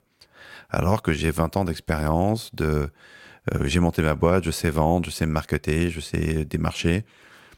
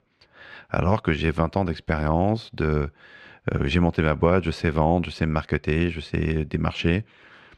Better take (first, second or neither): first